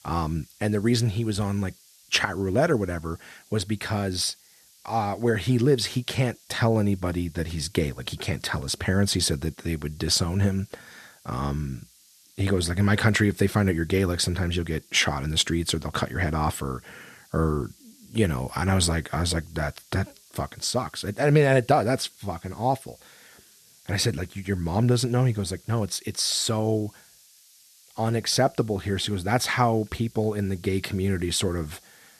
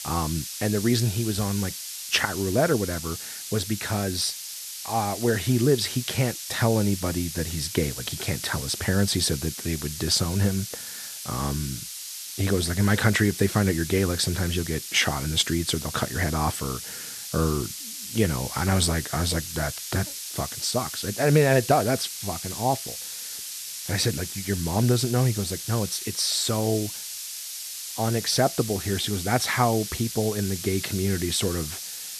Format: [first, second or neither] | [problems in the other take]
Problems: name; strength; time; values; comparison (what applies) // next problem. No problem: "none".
first | hiss; loud; throughout; 7 dB below the speech; faint in the first